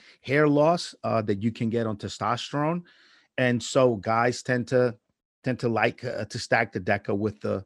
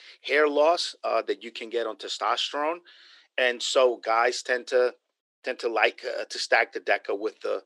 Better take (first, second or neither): first